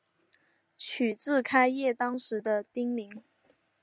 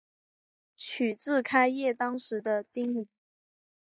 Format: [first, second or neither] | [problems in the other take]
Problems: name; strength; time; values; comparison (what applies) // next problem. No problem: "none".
first | noise reduction (neural mask model Resemble Enhance denoiser)